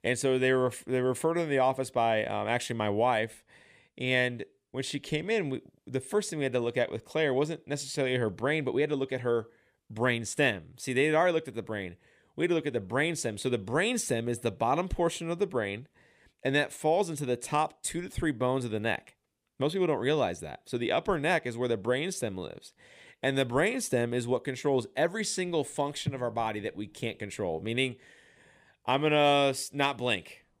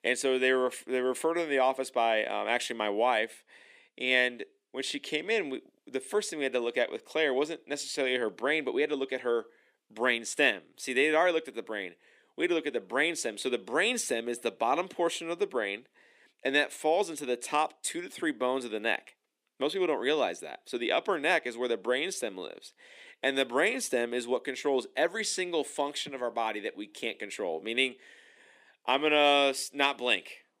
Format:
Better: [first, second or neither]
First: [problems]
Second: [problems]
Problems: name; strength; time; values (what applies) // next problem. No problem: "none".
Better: first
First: none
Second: thin; very slightly; fading below 250 Hz